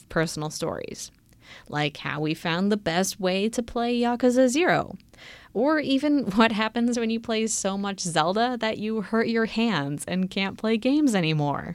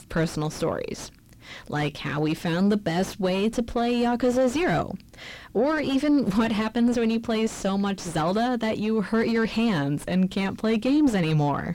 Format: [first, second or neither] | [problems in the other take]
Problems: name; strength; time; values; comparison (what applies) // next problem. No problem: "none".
first | distortion; heavy; 7 dB below the speech